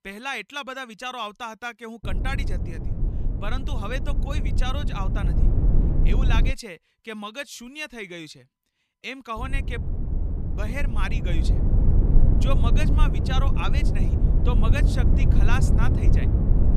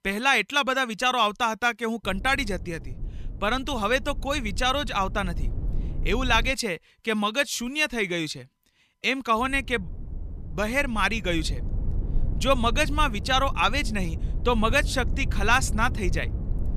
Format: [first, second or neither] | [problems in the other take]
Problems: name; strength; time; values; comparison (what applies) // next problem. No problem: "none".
second | low rumble; loud; from 2 to 6.5 s and from 9.5 s on; 5 dB below the speech; faint in the second